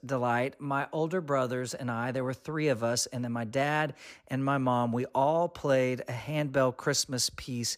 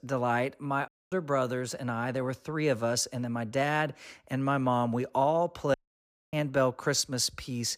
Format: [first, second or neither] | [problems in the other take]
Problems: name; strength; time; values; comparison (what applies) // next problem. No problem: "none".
first | audio cutting out; at 1 s and at 5.5 s for 0.5 s